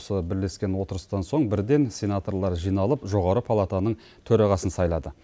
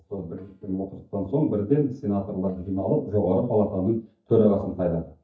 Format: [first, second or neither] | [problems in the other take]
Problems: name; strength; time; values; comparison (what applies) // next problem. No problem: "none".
first | noise reduction (neural mask model DeepFilterNet 3)